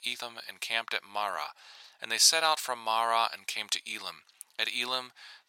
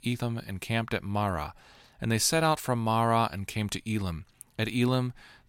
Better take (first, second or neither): second